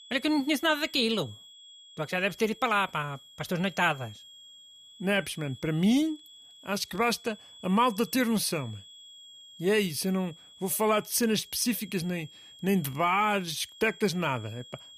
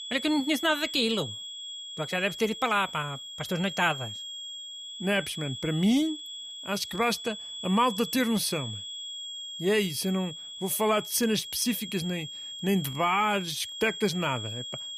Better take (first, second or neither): first